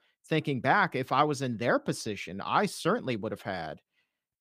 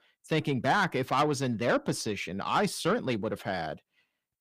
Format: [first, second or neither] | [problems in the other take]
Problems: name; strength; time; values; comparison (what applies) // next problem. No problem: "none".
first | distortion; slight; 10 dB below the speech